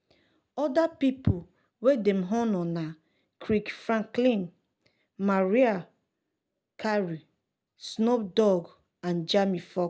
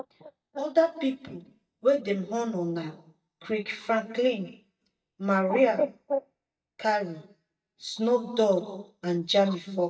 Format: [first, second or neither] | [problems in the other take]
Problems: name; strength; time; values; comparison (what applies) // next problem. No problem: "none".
first | noise reduction (neural mask model DeepFilterNet 3)